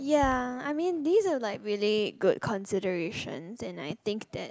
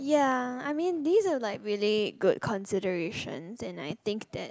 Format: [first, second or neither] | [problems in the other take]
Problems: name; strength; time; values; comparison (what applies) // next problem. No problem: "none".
second | background sound (Bass drum); 18 dB below the speech